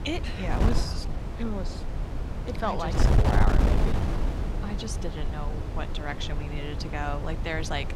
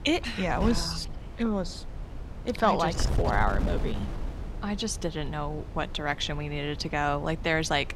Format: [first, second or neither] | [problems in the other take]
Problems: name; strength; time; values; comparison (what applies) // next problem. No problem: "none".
second | wind noise on the microphone; heavy; 2 dB below the speech; occasional gusts in the second